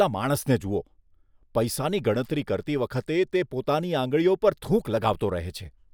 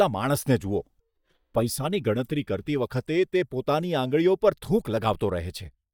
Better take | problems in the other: first | noise reduction (neural mask model DeepFilterNet 3)

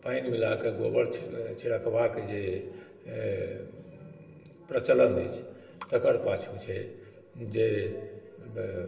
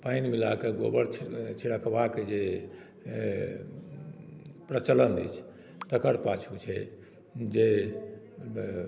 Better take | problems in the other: second | room echo; dies away in 1 s

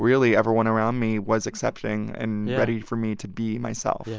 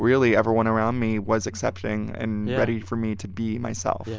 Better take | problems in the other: first | background sound (Domestic sounds, home sounds); 17 dB below the speech

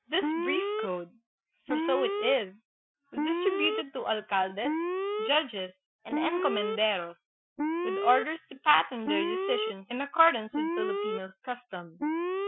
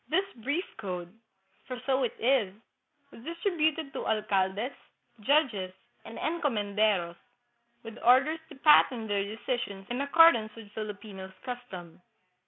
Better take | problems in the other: second | noise reduction (classical method Wiener filter)

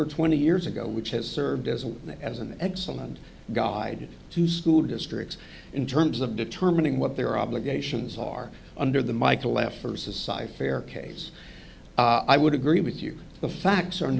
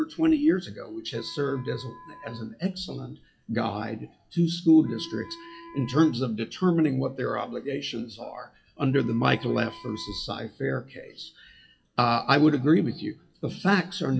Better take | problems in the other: first | noise reduction (classical method WPE with log-MMSE)

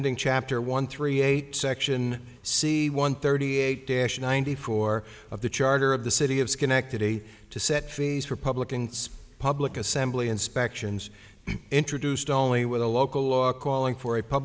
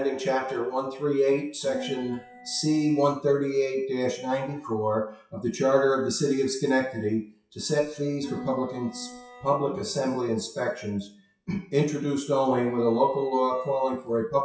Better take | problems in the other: first | noise reduction (classical method WPE with log-MMSE)

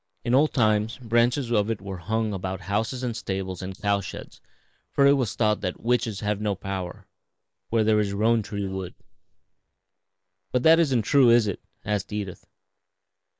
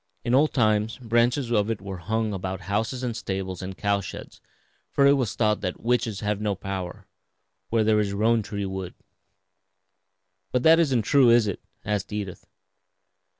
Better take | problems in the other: second | noise reduction (neural mask model Resemble Enhance denoiser)

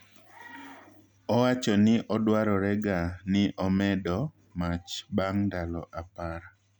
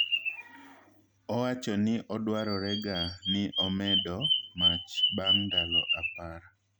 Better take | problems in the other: first | background sound (Bird vocalization, bird call, bird song); 2 dB above the speech

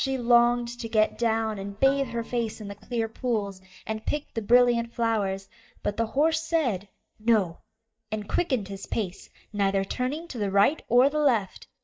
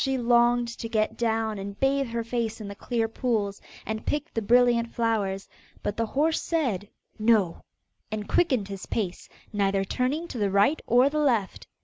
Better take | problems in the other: second | noise reduction (neural mask model DeepFilterNet 3)

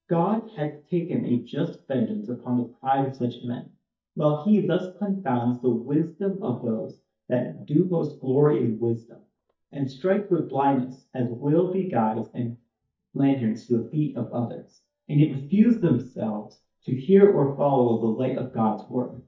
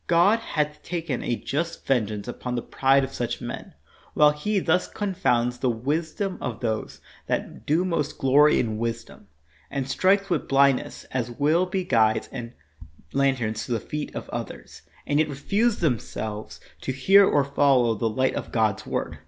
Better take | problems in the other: second | noise reduction (neural mask model DeepFilterNet 3)

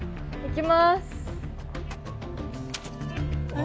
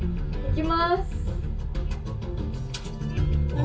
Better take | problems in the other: first | room echo; dies away in 0.2 s

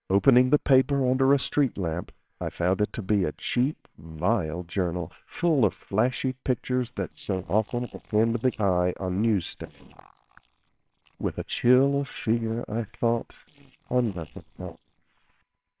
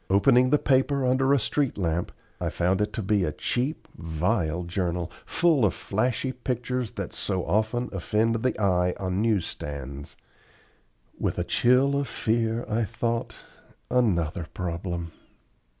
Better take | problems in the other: second | noise reduction (neural separator model SepFormer WHAMR!)

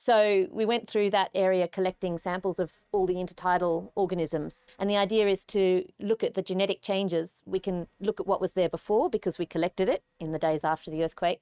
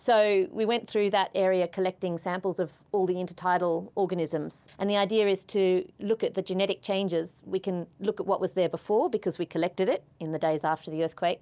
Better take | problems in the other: second | noise reduction (neural mask model RNNoise)

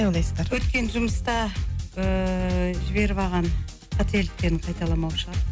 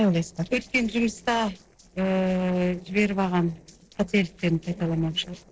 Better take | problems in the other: first | noise reduction (neural separator model SepFormer DNS4)

